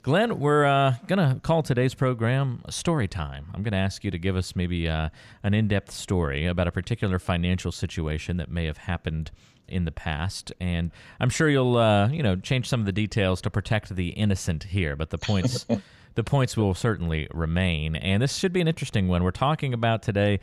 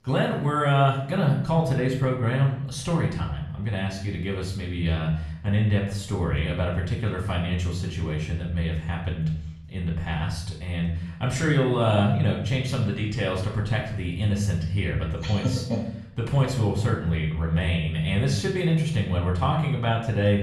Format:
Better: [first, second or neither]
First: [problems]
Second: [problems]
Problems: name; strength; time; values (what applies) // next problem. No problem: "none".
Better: first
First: none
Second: off-mic speech; far // room echo; noticeable; dies away in 0.7 s